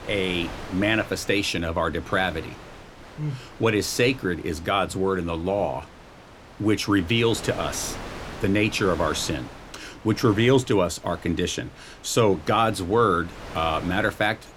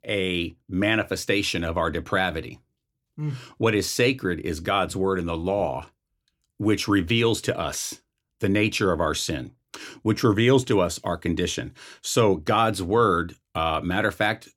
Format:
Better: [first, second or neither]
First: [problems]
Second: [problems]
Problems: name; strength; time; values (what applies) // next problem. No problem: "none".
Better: second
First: wind noise on the microphone; occasional gusts; 15 dB below the speech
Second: none